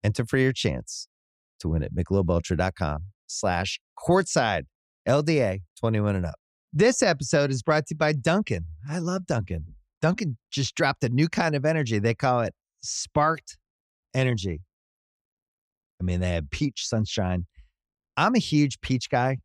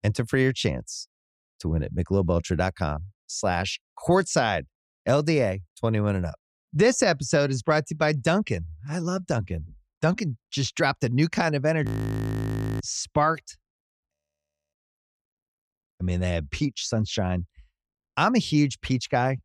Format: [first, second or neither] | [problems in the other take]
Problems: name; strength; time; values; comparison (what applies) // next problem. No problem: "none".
first | audio freezing; at 12 s for 1 s and at 14 s for 0.5 s